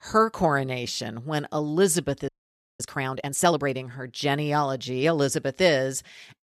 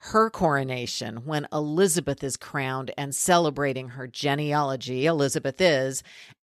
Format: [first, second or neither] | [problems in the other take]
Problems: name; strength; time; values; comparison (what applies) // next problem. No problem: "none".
second | audio freezing; at 2.5 s for 0.5 s